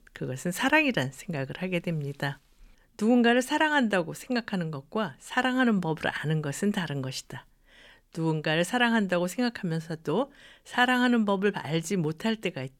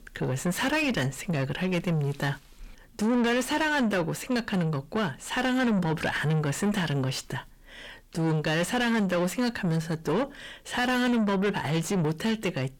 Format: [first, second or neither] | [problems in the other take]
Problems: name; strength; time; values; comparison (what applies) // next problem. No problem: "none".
first | distortion; heavy; 6 dB below the speech